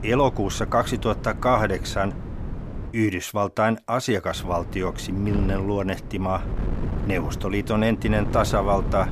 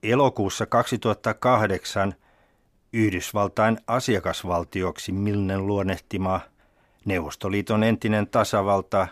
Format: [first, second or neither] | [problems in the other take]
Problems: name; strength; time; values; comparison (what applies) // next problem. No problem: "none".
second | wind noise on the microphone; occasional gusts; until 3 s and from 4.5 s on; 15 dB below the speech